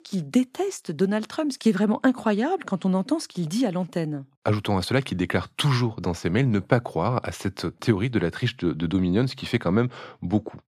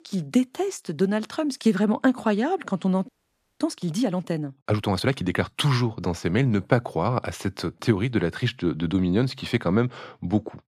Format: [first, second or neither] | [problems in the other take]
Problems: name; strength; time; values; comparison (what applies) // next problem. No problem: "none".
first | audio freezing; at 3 s for 0.5 s